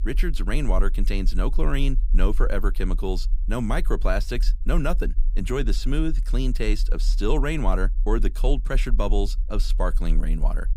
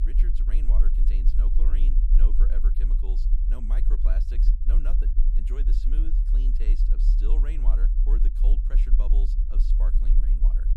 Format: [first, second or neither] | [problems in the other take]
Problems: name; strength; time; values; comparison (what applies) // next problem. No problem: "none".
first | low rumble; loud; throughout; 2 dB below the speech; faint in the first